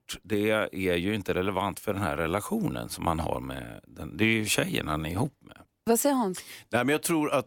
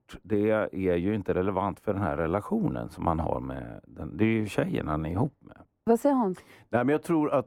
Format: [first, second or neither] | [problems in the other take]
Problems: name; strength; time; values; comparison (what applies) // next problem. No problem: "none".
first | muffled; very; fading above 2 kHz